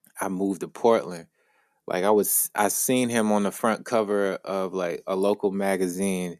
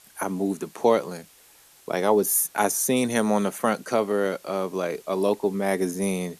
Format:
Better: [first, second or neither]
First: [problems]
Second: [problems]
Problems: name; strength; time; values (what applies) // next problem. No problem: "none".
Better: first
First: none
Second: hiss; faint; throughout; 25 dB below the speech